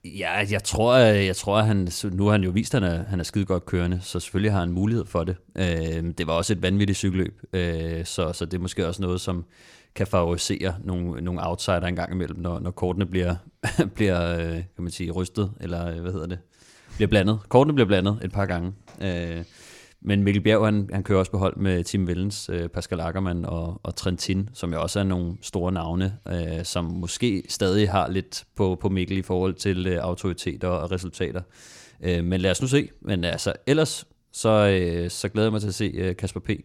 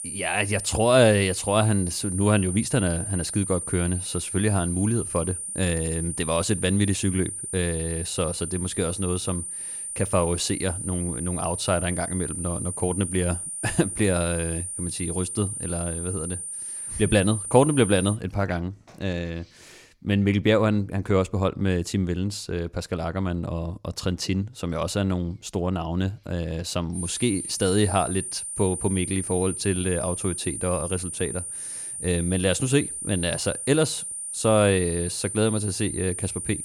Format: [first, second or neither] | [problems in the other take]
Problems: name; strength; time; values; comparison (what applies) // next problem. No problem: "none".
first | high-pitched whine; loud; until 18 s and from 27 s on; 9 kHz, 5 dB below the speech